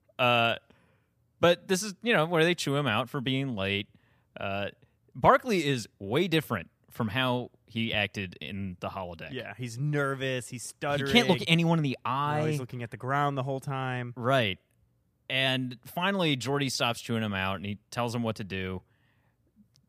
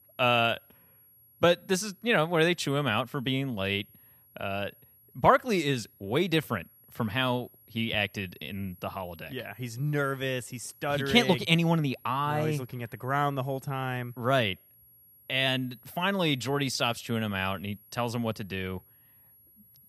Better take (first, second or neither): first